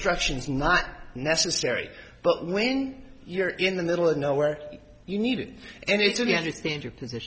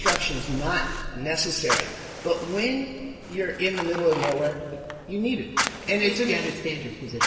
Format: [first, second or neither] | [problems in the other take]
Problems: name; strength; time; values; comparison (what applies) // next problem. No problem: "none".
first | background sound (Fire); 6 dB below the speech // room echo; dies away in 2.5 s